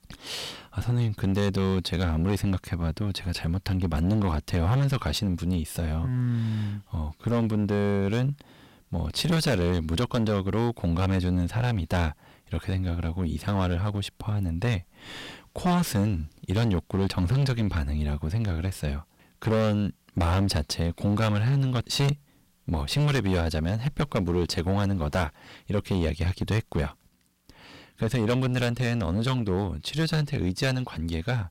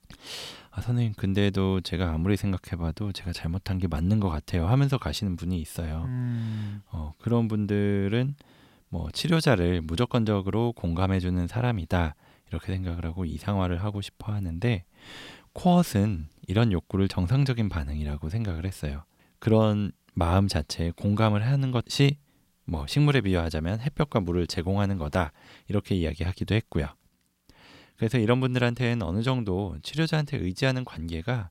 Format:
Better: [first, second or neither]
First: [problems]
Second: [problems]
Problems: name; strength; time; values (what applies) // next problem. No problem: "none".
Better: second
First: distortion; heavy; 13% of the sound clipped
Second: none